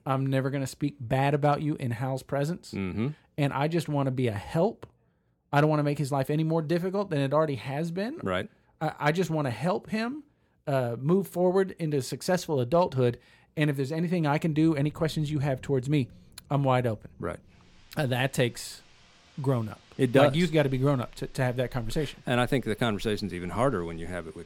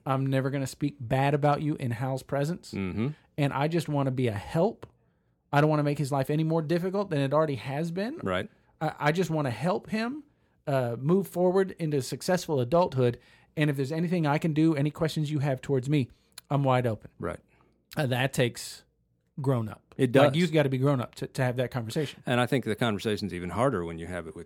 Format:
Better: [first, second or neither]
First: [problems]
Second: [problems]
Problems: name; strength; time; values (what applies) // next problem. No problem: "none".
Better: second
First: rain or running water; faint; from 15 s on; 25 dB below the speech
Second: none